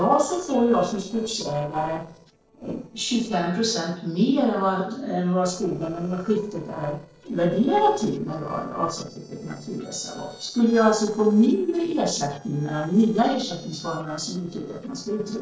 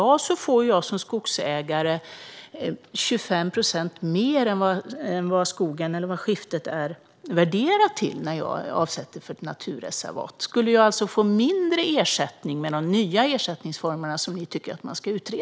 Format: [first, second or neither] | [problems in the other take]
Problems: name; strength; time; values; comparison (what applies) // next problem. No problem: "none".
second | noise reduction (neural separator model SepFormer DNS4)